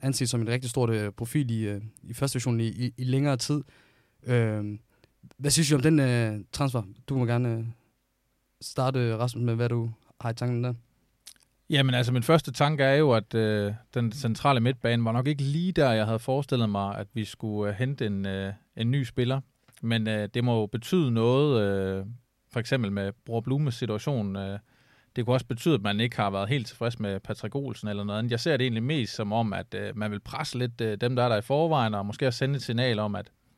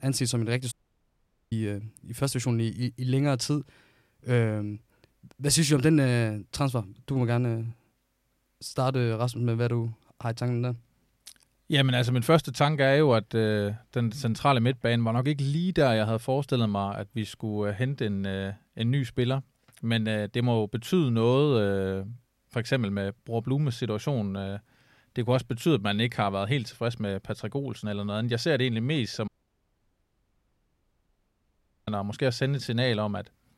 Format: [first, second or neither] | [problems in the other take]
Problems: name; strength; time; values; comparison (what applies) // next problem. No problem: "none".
first | audio cutting out; at 0.5 s for 1 s and at 29 s for 2.5 s